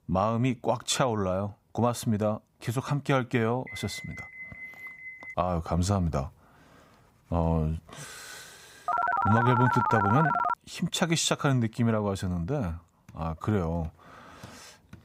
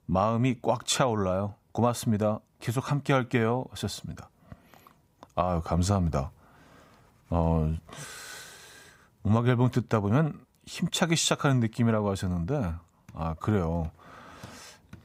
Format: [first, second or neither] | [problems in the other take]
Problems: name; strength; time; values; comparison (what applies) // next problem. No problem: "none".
second | alarm; faint; from 3.5 to 5.5 s; peak 10 dB below the speech // phone ringing; loud; from 9 to 11 s; peak 3 dB above the speech